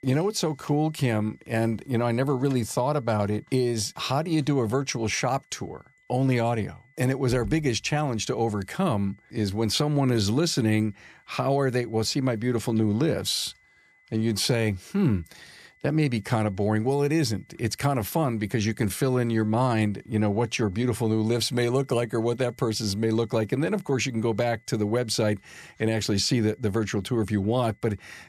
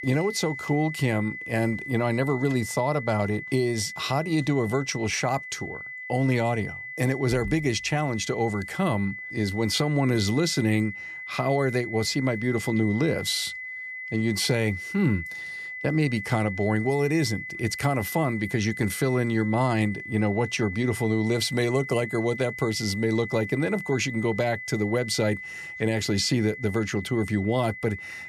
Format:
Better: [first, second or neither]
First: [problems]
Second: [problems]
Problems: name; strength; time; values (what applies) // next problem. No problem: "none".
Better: first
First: high-pitched whine; faint; throughout; 2 kHz, 35 dB below the speech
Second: high-pitched whine; loud; throughout; 2 kHz, 9 dB below the speech